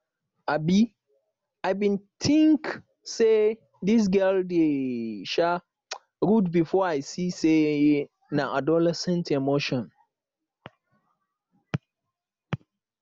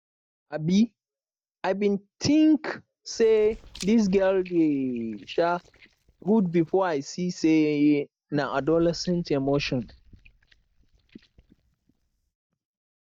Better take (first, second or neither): first